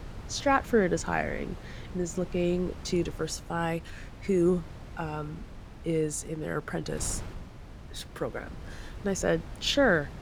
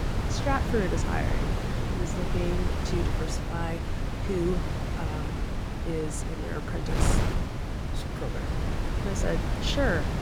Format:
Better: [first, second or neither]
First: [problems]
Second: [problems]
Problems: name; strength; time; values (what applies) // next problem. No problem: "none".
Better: first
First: wind noise on the microphone; occasional gusts; 20 dB below the speech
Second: wind noise on the microphone; heavy; 1 dB below the speech